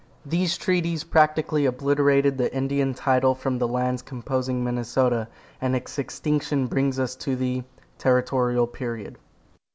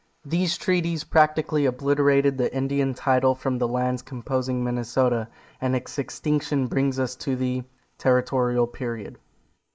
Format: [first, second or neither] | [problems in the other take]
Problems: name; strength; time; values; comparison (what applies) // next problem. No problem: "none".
first | noise reduction (neural mask model Resemble Enhance denoiser)